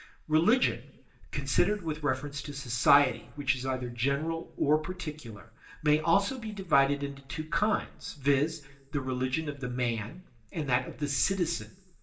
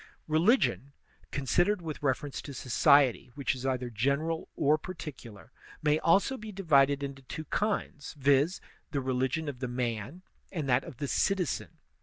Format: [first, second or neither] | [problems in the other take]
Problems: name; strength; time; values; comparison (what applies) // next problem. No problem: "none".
second | room echo; dies away in 0.4 s